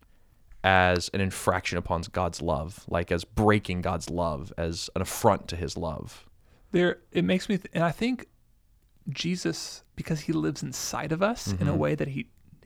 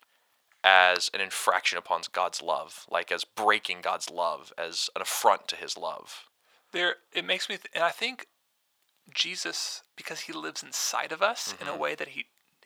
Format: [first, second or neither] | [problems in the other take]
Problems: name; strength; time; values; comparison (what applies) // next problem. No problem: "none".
first | thin; very; fading below 850 Hz